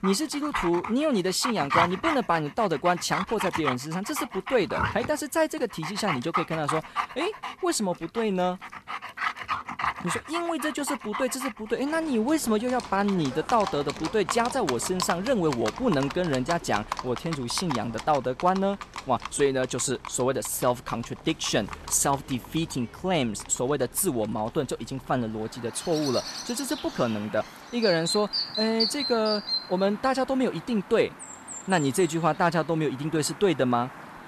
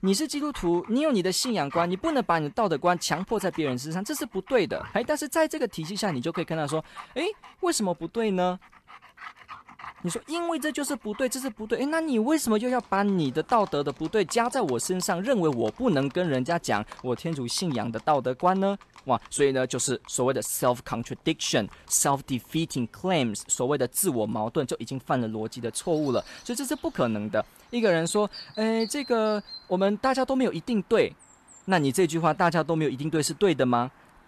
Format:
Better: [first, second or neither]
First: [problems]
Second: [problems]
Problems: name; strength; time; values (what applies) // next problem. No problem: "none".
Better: second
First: animal sounds; loud; throughout; 6 dB below the speech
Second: animal sounds; faint; throughout; 20 dB below the speech